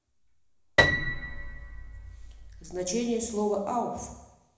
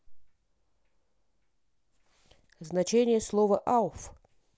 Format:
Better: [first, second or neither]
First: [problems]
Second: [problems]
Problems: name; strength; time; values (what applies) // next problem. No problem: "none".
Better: second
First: background sound (Piano); 3 dB above the speech // room echo; dies away in 1 s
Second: none